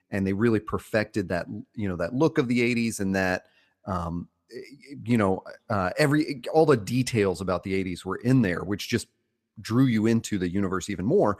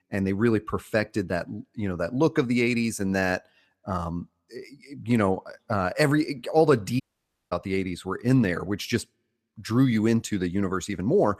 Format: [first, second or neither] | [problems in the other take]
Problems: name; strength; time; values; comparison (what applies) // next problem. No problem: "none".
first | audio cutting out; at 7 s for 0.5 s